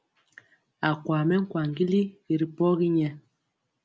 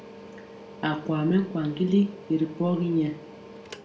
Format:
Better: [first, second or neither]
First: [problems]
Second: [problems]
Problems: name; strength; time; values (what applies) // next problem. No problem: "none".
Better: first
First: none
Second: background sound (Mechanical fan); 17 dB below the speech // room echo; dies away in 0.4 s